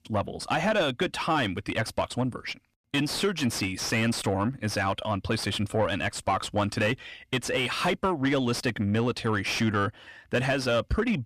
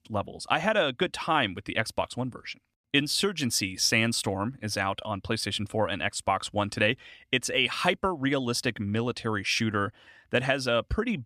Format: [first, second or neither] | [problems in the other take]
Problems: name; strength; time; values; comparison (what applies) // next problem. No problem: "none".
second | distortion; heavy; 7 dB below the speech